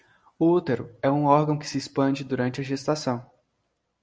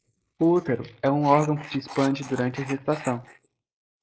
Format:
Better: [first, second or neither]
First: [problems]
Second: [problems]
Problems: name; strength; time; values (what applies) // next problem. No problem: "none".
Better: first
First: none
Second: noise reduction (neural mask model Resemble Enhance denoiser)